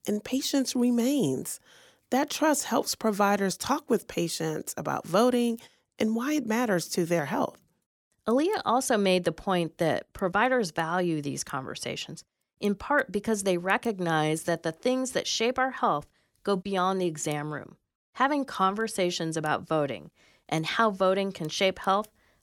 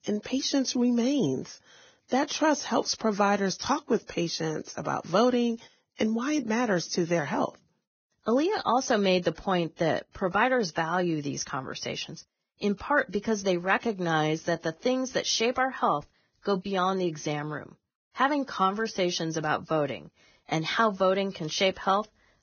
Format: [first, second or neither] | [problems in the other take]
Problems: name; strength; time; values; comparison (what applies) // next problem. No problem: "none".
first | garbled, watery; badly; nothing above 6.5 kHz